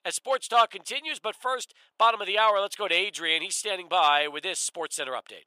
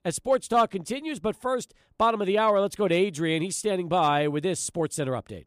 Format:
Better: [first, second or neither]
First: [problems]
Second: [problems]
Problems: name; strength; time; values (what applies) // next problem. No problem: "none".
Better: second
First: thin; very; fading below 850 Hz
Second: none